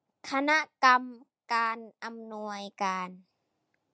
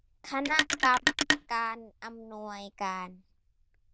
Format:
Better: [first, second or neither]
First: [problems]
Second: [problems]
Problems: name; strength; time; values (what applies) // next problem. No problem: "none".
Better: first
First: none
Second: noise reduction (neural diffusion model UNIVERSE++)